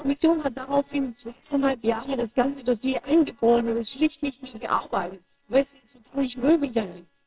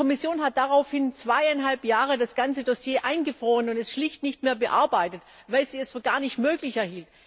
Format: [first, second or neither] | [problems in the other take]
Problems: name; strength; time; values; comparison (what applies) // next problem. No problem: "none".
second | noise reduction (neural separator model SepFormer WHAMR!)